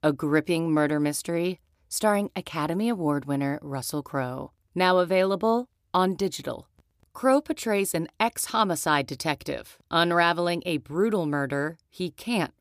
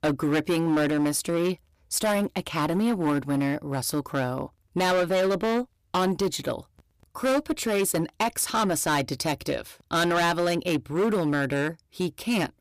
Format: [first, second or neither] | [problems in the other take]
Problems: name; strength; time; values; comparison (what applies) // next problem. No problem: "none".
first | distortion; heavy; 13% of the sound clipped